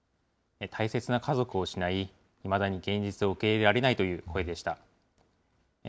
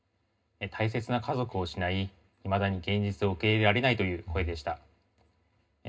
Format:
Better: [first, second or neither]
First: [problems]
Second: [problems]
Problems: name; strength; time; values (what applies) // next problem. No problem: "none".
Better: first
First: none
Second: room echo; dies away in 0.2 s